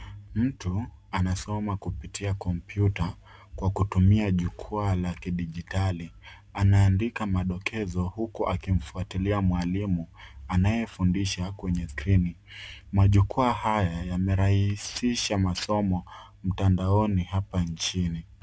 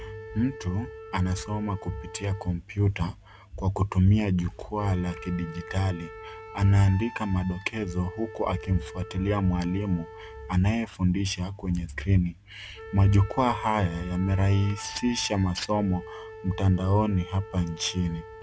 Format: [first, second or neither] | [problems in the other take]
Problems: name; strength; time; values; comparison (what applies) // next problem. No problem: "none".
first | background sound (Wind instrument, woodwind instrument); 17 dB below the speech